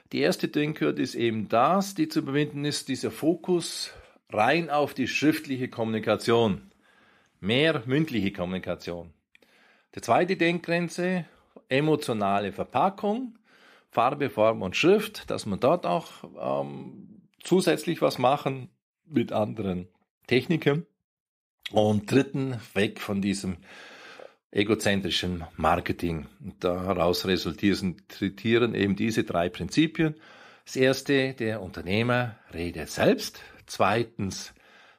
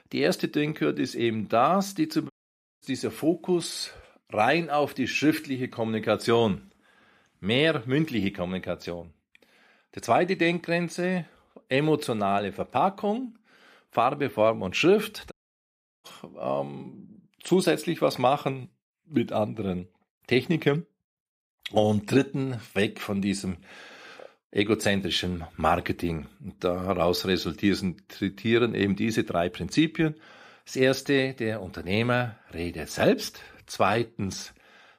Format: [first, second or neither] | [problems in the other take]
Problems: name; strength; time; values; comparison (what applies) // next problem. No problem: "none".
first | audio cutting out; at 2.5 s for 0.5 s and at 15 s for 0.5 s